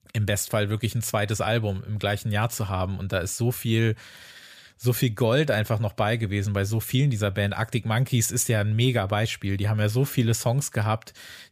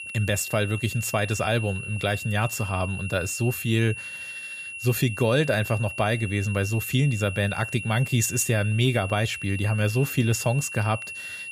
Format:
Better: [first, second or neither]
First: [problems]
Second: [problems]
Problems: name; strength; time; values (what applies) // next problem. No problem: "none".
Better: first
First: none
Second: high-pitched whine; loud; throughout; 2.5 kHz, 9 dB below the speech